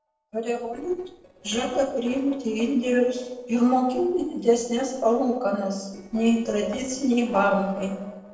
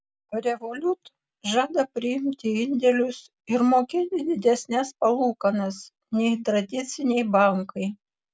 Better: second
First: noise reduction (neural separator model SepFormer DNS4)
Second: none

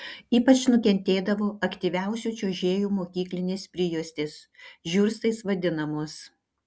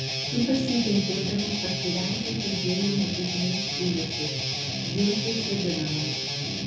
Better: first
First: none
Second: background sound (Guitar); 1 dB below the speech // room echo; dies away in 0.6 s

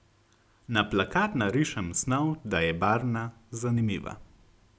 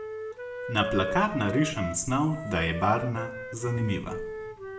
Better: first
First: none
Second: background sound (Wind instrument, woodwind instrument); 8 dB below the speech // room echo; dies away in 0.5 s

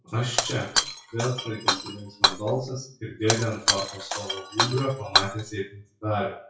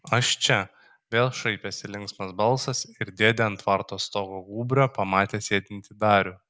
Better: second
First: noise reduction (classical method WPE with log-MMSE)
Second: none

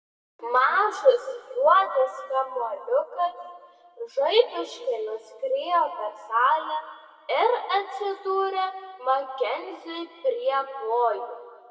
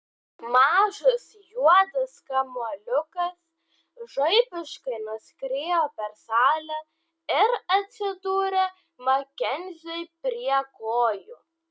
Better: second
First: room echo; dies away in 1.6 s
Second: none

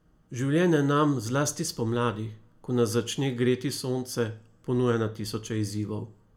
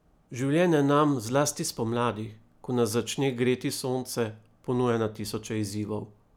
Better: second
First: room echo; dies away in 0.3 s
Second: none

